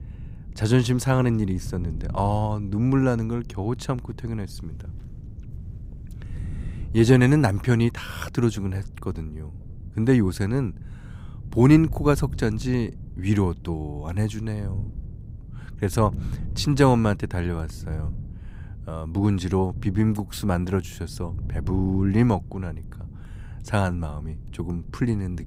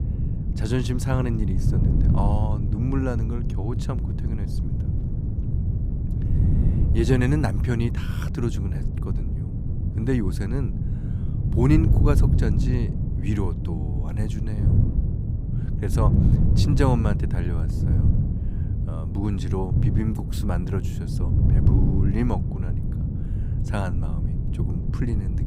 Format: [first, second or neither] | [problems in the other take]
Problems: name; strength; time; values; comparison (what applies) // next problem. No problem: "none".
first | wind noise on the microphone; heavy; 4 dB below the speech; occasional gusts in the first